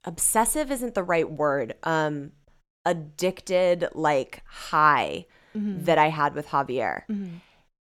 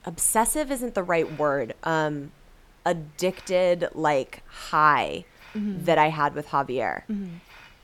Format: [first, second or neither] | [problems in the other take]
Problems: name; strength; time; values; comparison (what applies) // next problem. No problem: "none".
first | hiss; faint; throughout; 30 dB below the speech